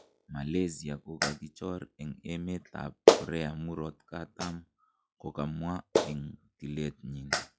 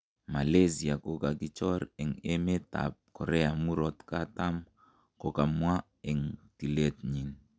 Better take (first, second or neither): second